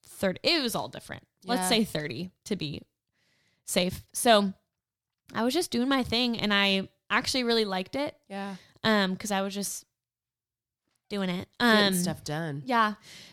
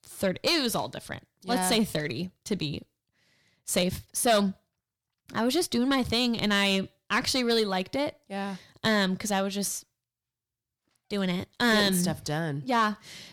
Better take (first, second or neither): first